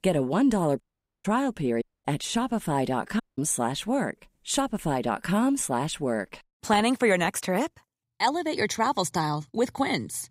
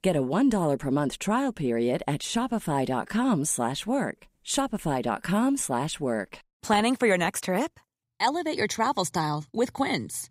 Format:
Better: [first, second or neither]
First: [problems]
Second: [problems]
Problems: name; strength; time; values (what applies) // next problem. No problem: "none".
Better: second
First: audio cutting out; at 1 s, at 2 s and at 3 s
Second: none